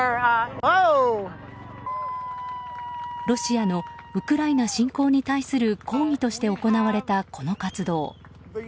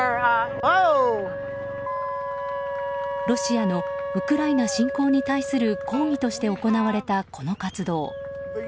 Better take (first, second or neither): first